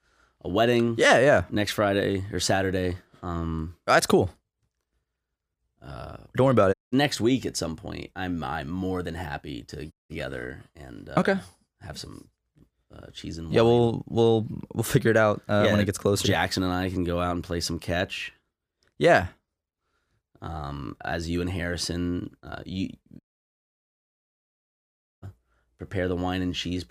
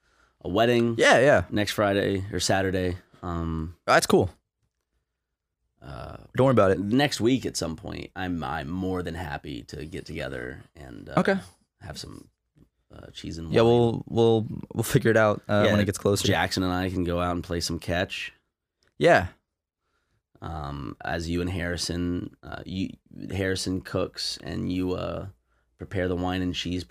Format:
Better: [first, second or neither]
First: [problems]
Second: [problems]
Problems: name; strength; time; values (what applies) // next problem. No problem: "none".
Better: second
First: audio cutting out; at 6.5 s, at 10 s and at 23 s for 2 s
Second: none